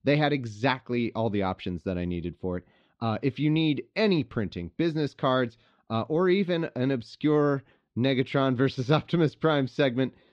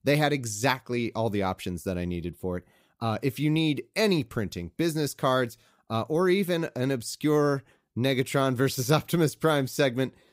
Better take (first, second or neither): second